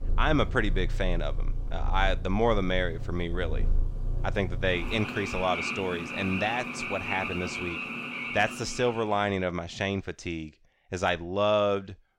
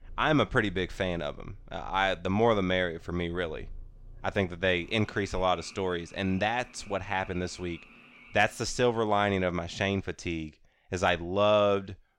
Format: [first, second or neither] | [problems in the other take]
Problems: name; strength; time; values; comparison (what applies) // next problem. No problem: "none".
second | animal sounds; loud; until 9 s; 4 dB below the speech; faint in the second